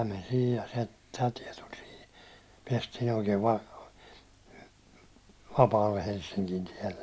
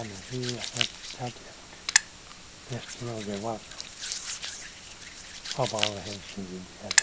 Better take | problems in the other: first | background sound (Hands); 5 dB above the speech

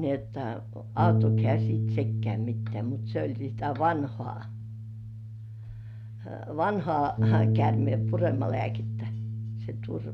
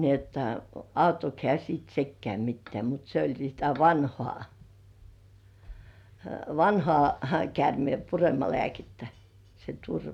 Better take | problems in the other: second | background sound (Bass guitar); 3 dB above the speech

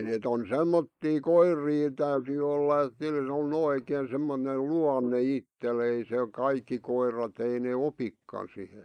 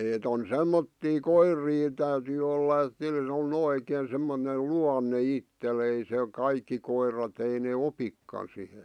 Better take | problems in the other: second | noise reduction (neural mask model Resemble Enhance denoiser)

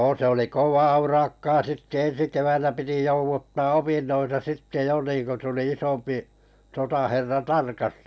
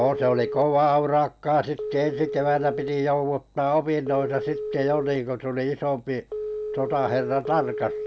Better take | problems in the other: first | background sound (Telephone); 8 dB below the speech

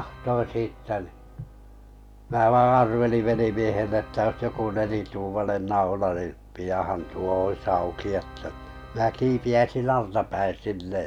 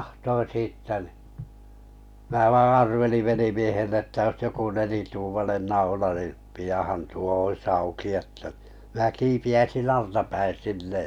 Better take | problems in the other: second | background sound (Organ); 20 dB below the speech

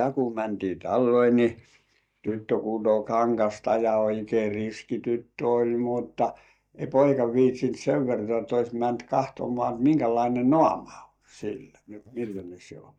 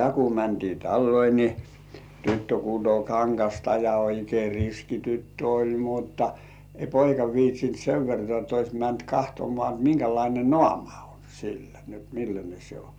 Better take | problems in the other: second | noise reduction (neural mask model DeepFilterNet 3)

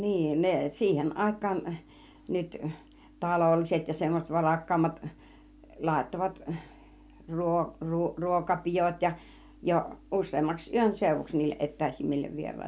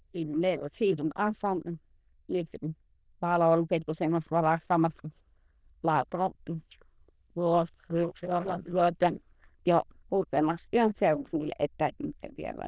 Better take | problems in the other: first | noise reduction (neural diffusion model UNIVERSE++)

